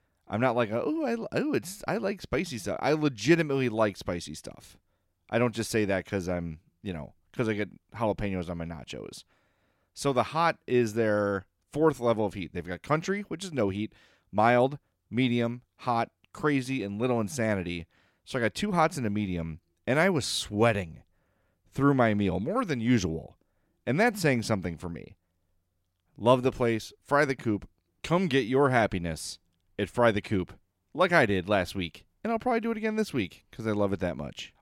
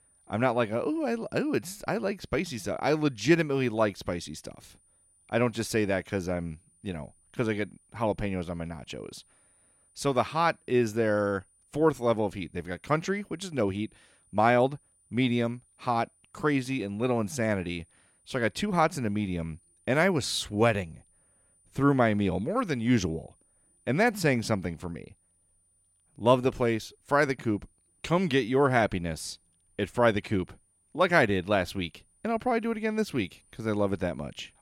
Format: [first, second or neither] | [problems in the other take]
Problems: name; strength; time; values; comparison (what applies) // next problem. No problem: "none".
first | high-pitched whine; faint; throughout; 9.5 kHz, 35 dB below the speech